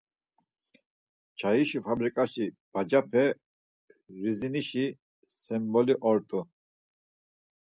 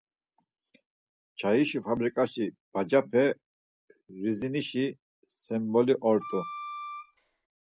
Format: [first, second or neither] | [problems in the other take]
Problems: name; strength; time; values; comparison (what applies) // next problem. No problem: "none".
first | background sound (Wind instrument, woodwind instrument); 11 dB below the speech